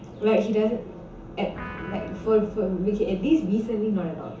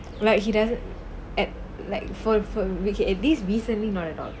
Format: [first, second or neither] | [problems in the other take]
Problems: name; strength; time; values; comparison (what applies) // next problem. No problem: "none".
second | background sound (Guitar); 17 dB below the speech // room echo; dies away in 0.7 s